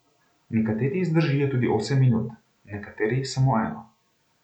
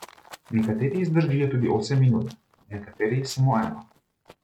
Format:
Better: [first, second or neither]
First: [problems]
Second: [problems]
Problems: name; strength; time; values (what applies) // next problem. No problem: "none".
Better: first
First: none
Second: noise reduction (neural mask model RNNoise)